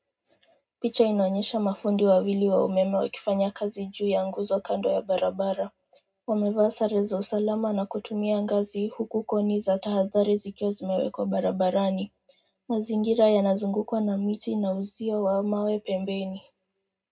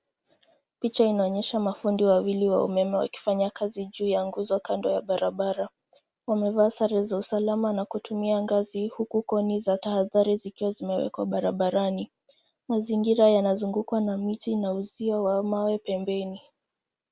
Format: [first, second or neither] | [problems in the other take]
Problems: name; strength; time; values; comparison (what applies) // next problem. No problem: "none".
second | room echo; dies away in 0.2 s